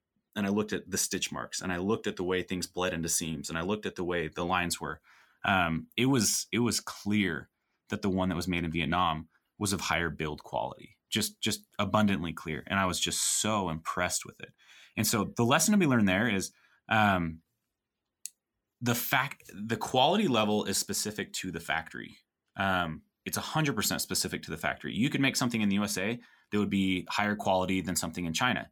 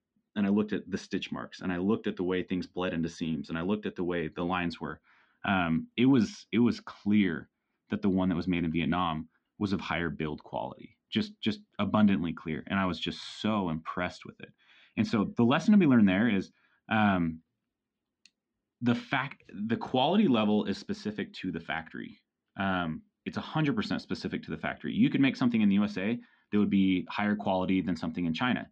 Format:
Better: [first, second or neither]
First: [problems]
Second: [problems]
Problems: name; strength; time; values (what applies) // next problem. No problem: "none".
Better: first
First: none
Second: muffled; slightly; fading above 4 kHz